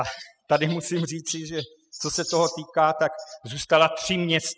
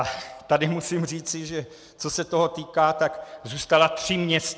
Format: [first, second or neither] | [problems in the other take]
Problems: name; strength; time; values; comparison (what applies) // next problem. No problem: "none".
second | noise reduction (classical method spectral subtraction)